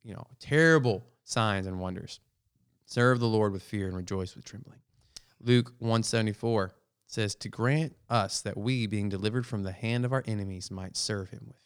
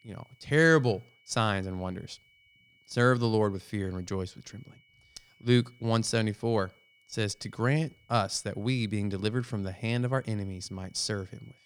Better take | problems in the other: first | high-pitched whine; faint; throughout; 2.5 kHz, 35 dB below the speech

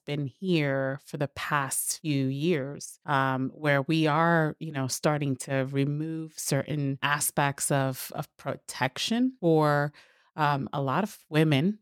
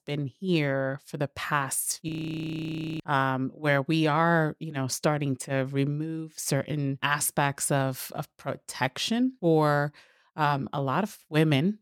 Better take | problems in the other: first | audio freezing; at 2 s for 1 s

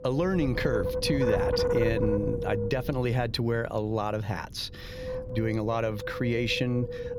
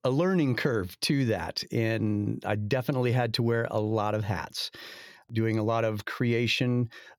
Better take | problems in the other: second | wind noise on the microphone; heavy; 1 dB below the speech

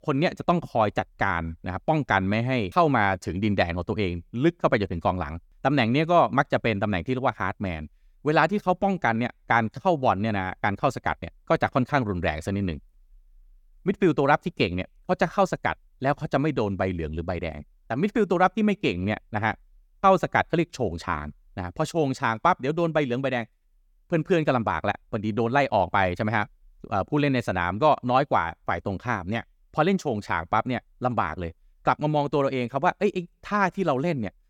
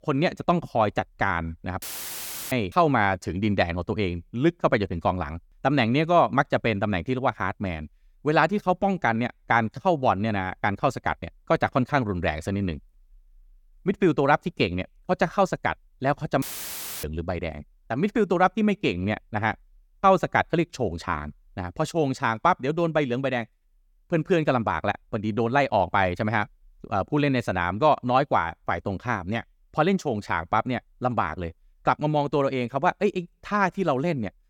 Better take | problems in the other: first | audio cutting out; filled with static; at 2 s for 0.5 s and at 16 s for 0.5 s

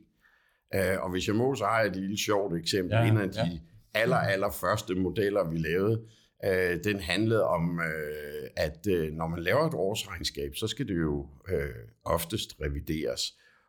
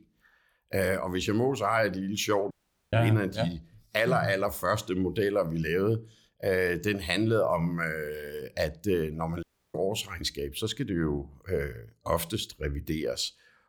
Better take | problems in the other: first | audio cutting out; at 2.5 s and at 9.5 s

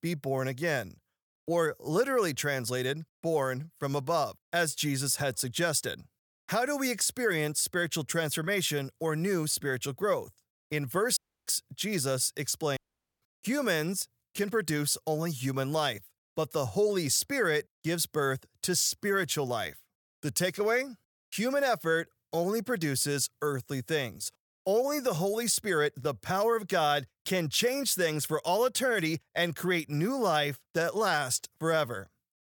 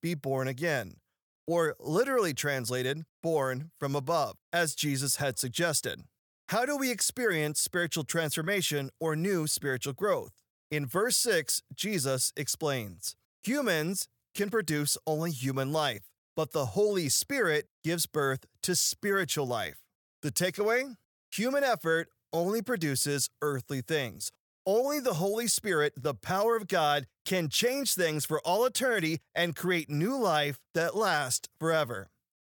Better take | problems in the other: second | audio cutting out; at 11 s and at 13 s

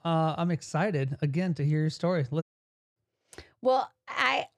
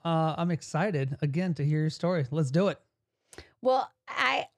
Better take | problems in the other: second | audio cutting out; at 2.5 s for 0.5 s

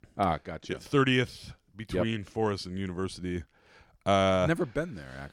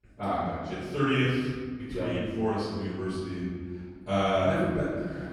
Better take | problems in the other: first | room echo; strong; dies away in 1.7 s // off-mic speech; far

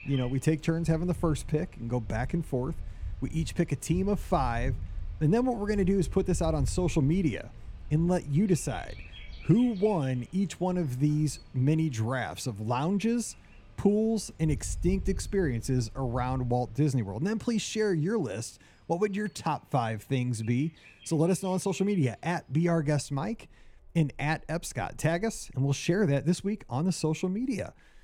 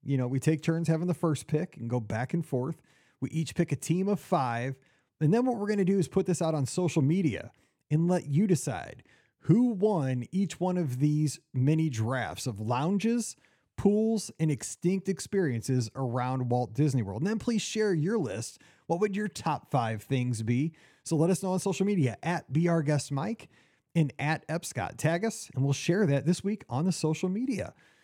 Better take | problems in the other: second | animal sounds; noticeable; throughout; 15 dB below the speech

